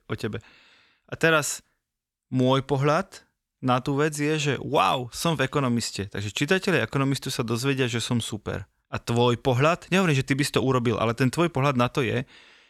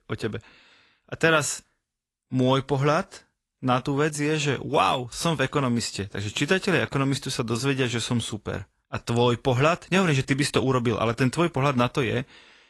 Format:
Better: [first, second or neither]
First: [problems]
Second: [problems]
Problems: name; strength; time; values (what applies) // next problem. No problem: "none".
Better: first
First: none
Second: garbled, watery; slightly; nothing above 11.5 kHz